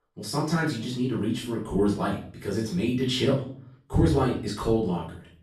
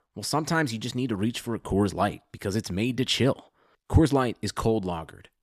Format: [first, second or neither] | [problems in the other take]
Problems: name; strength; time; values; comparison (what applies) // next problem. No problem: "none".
second | off-mic speech; far // room echo; noticeable; dies away in 0.4 s